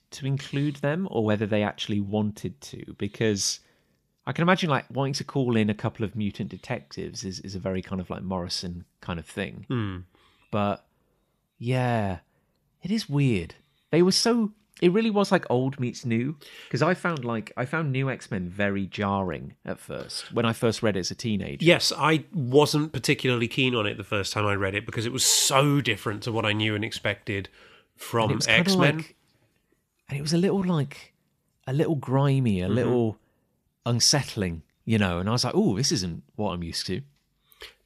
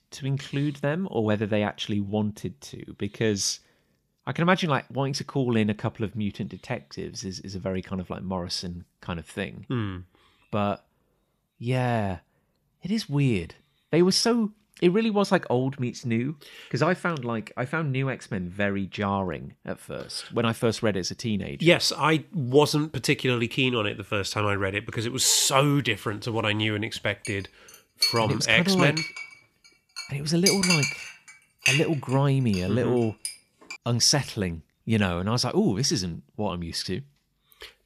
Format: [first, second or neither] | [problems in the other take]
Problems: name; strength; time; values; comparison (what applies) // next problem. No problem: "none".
first | clattering dishes; loud; from 27 to 34 s; peak 4 dB above the speech